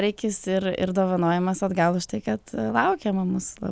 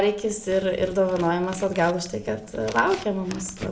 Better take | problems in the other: first | background sound (Scissors); 18 dB below the speech // room echo; dies away in 0.4 s

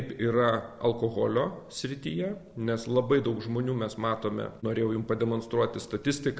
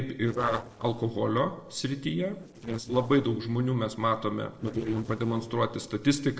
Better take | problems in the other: first | noise reduction (neural separator model SepFormer DNS4)

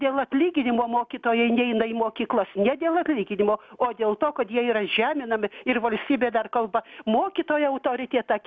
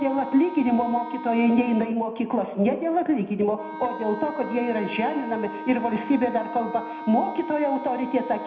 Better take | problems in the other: first | background sound (Wind instrument, woodwind instrument); 12 dB below the speech // room echo; dies away in 0.7 s

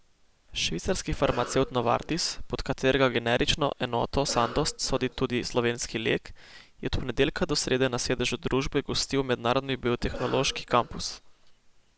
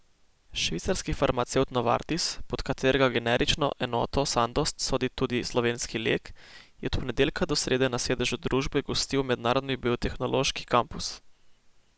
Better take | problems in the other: second | background sound (Cough); 17 dB below the speech

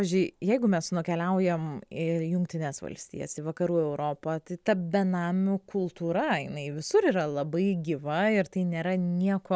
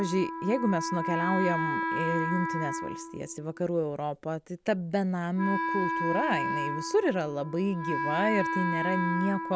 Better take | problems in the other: first | background sound (Wind instrument, woodwind instrument); 3 dB below the speech

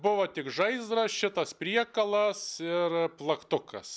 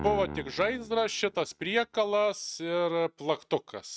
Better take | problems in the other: first | noise reduction (neural mask model RNNoise)

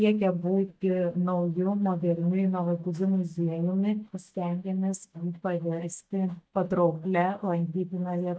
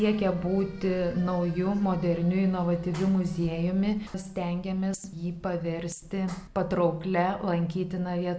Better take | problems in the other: second | noise reduction (neural mask model DeepFilterNet 3)

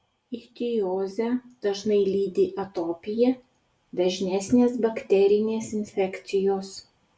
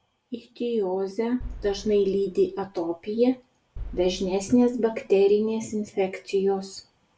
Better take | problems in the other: first | background sound (Boom); 17 dB below the speech

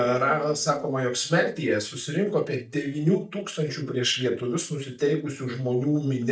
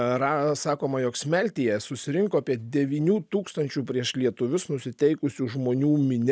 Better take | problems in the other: second | noise reduction (neural mask model DeepFilterNet 3)

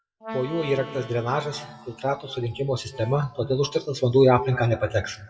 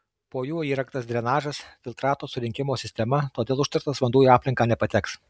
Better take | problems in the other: second | noise reduction (classical method WPE with log-MMSE)

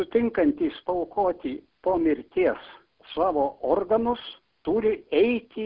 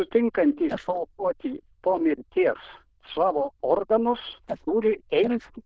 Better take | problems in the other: first | noise reduction (neural diffusion model UNIVERSE++)

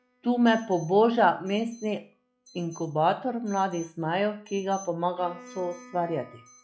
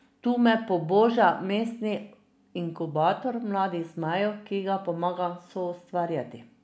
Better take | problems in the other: second | noise reduction (classical method log-MMSE)

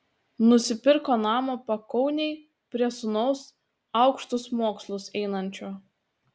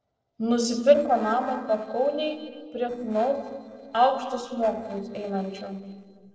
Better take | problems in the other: first | noise reduction (neural separator model SepFormer DNS4)

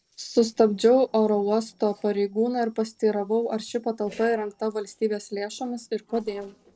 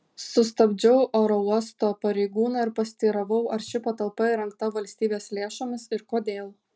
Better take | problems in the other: second | noise reduction (neural separator model SepFormer DNS4)

